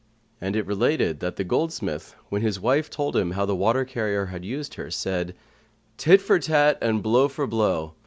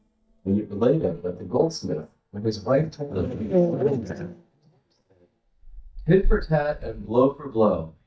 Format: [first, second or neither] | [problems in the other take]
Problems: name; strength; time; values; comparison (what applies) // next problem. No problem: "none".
first | noise reduction (neural mask model DeepFilterNet 3)